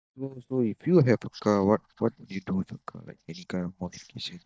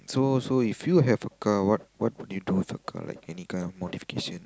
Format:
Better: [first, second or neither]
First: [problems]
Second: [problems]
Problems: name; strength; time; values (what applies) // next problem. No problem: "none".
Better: second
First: noise reduction (neural mask model DeepFilterNet 3)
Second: none